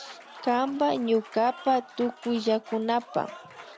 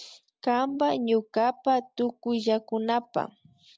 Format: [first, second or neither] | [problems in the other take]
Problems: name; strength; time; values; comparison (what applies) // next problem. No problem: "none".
second | background sound (Applause / Crowd); 18 dB below the speech